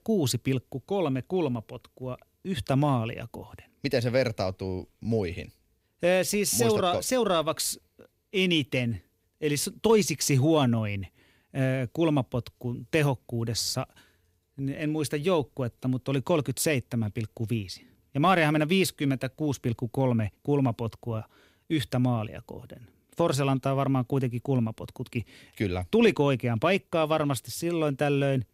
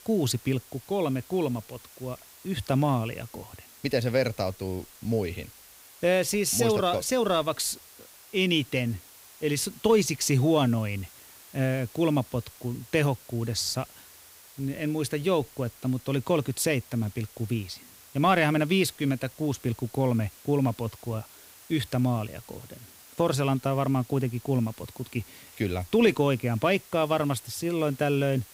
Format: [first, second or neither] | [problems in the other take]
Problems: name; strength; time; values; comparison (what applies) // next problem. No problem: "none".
first | hiss; faint; throughout; 20 dB below the speech